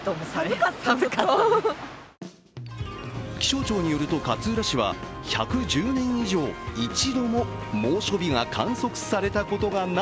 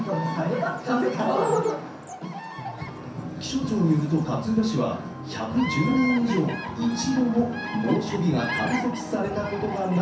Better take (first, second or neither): first